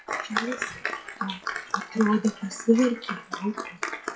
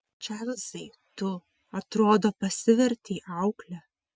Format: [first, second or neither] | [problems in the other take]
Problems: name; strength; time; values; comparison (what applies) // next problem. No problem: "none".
second | noise reduction (classical method WPE with log-MMSE)